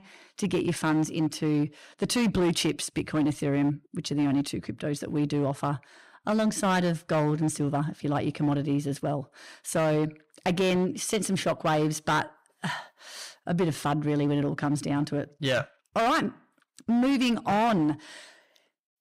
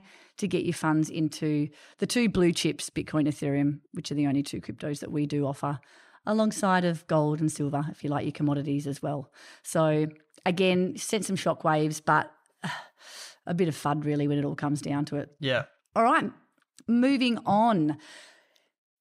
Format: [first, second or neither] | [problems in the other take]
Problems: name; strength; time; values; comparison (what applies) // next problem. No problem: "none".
second | distortion; slight; 10% of the sound clipped